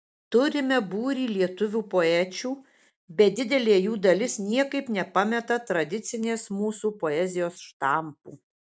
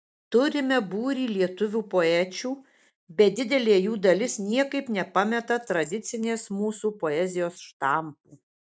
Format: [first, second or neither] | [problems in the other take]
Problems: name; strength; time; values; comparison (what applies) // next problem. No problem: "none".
first | noise reduction (neural mask model DeepFilterNet 3)